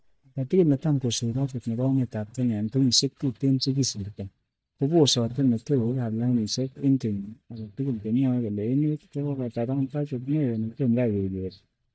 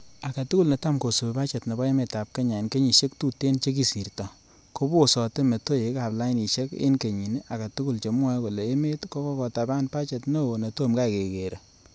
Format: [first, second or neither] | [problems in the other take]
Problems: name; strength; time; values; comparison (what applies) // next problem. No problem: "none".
second | noise reduction (neural mask model DeepFilterNet 3)